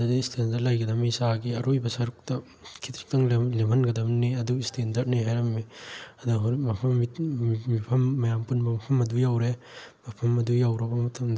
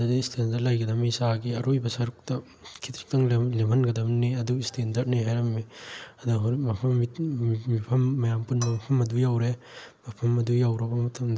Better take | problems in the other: first | background sound (Cutlery, silverware / Dishes, pots, and pans); 17 dB below the speech

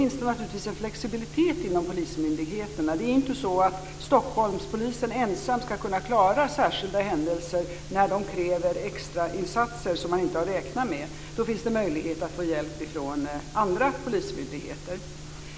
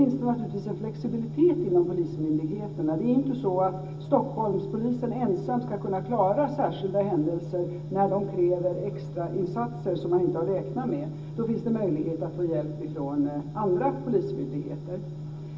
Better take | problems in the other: first | room echo; dies away in 0.4 s

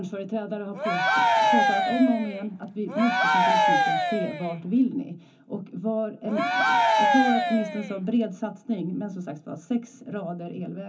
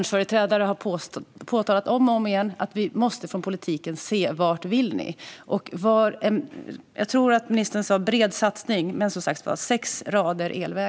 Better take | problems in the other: second | background sound (Cheering); 5 dB above the speech // room echo; dies away in 0.3 s

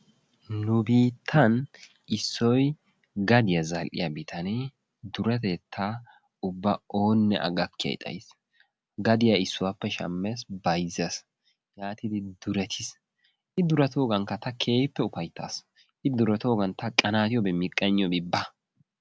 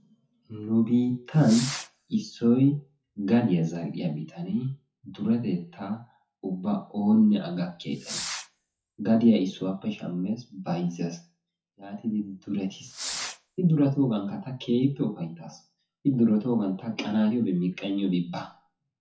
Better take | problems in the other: first | noise reduction (classical method WPE with log-MMSE)

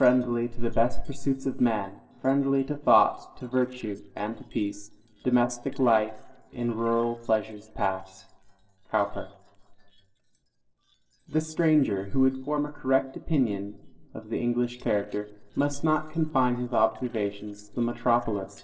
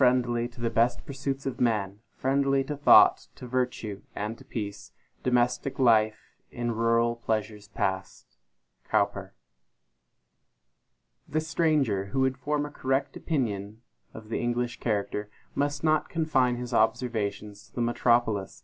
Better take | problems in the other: second | noise reduction (neural separator model SepFormer DNS4)

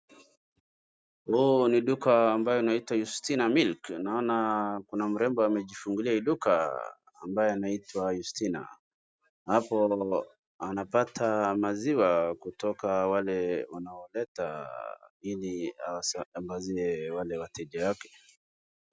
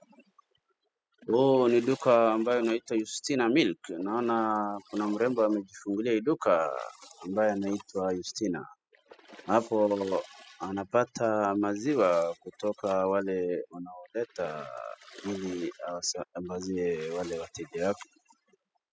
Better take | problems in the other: first | noise reduction (classical method spectral subtraction)

